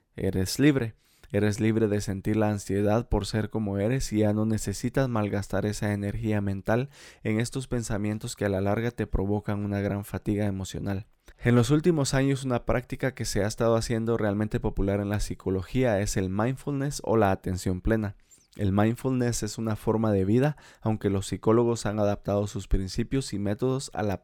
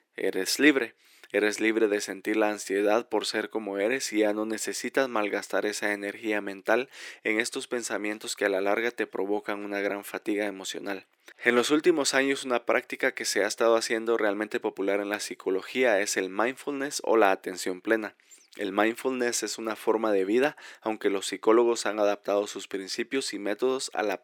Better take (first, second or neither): first